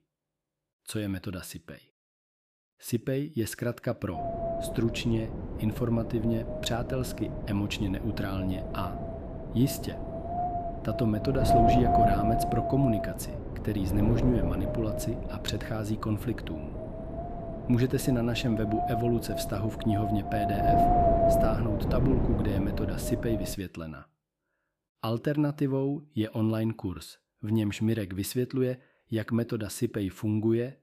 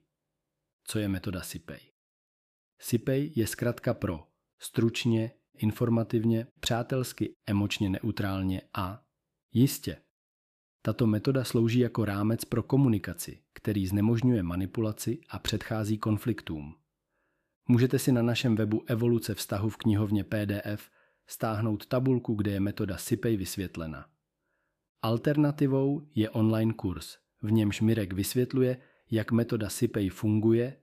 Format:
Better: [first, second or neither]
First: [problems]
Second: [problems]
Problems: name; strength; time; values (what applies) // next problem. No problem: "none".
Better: second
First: wind noise on the microphone; heavy; from 4 to 24 s; 4 dB above the speech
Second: none